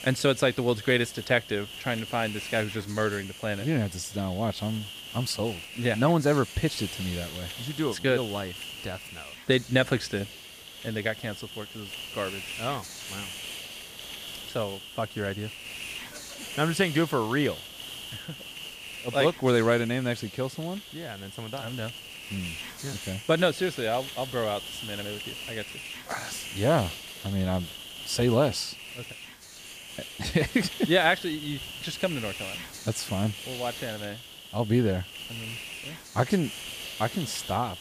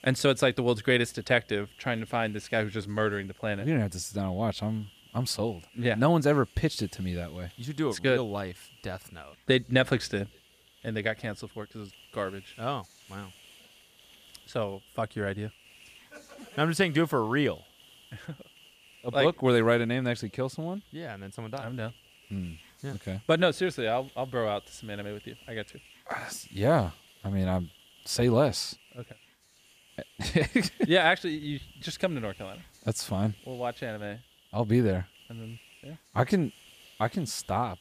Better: second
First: hiss; loud; throughout; 10 dB below the speech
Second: hiss; faint; throughout; 25 dB below the speech

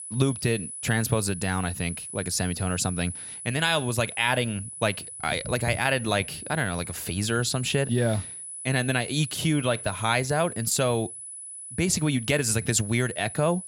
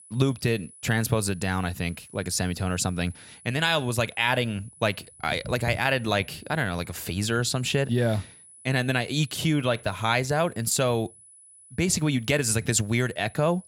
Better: second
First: high-pitched whine; loud; throughout; 10 kHz, 10 dB below the speech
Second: high-pitched whine; faint; throughout; 10 kHz, 20 dB below the speech

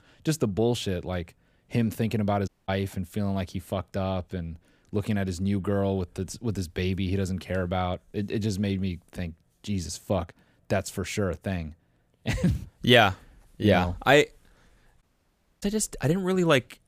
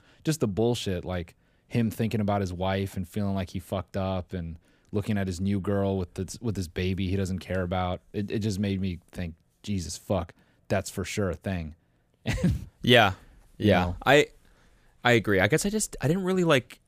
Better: second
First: audio cutting out; at 2.5 s and at 15 s for 0.5 s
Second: none

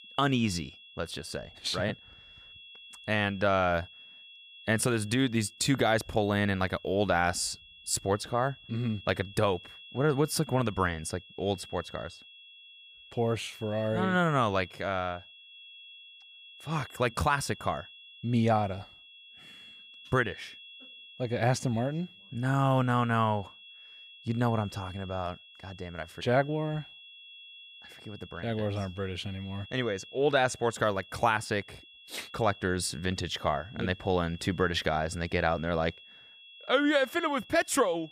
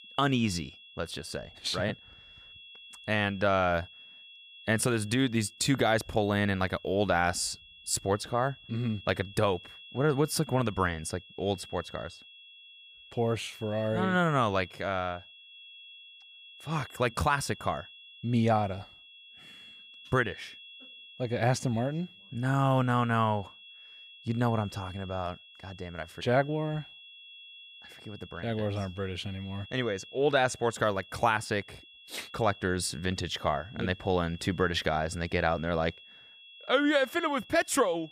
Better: neither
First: high-pitched whine; noticeable; throughout; 3.5 kHz, 20 dB below the speech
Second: high-pitched whine; noticeable; throughout; 3.5 kHz, 20 dB below the speech

